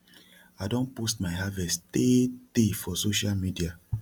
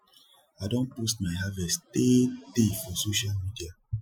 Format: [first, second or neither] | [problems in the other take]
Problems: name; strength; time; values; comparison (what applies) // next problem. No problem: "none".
first | noise reduction (classical method Wiener filter)